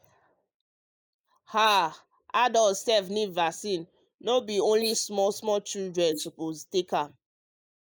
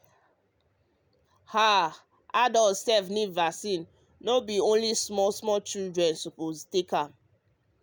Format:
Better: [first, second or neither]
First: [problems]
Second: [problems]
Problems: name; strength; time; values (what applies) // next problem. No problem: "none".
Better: second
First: noise reduction (neural mask model Resemble Enhance denoiser)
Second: none